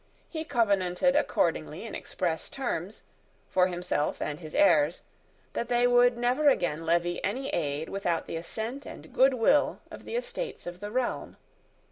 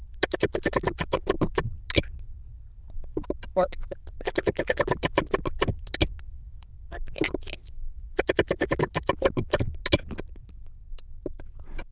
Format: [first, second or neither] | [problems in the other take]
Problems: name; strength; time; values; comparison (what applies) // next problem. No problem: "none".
first | noise reduction (neural diffusion model UNIVERSE++)